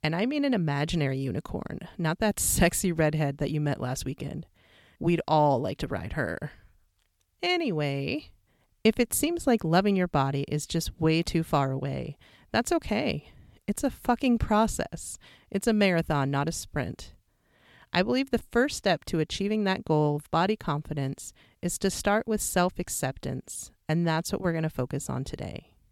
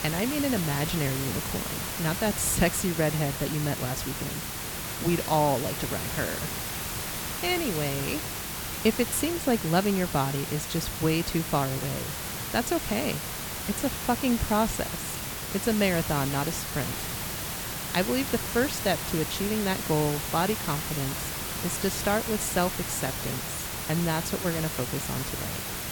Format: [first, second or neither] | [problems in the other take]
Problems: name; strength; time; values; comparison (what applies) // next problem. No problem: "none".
first | hiss; loud; throughout; 3 dB below the speech